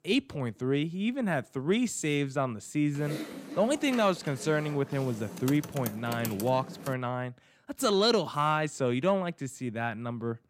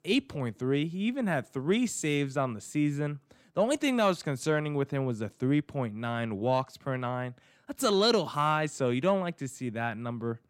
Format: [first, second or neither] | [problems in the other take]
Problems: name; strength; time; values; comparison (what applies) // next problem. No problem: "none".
second | keyboard typing; noticeable; from 3 to 7 s; peak 7 dB below the speech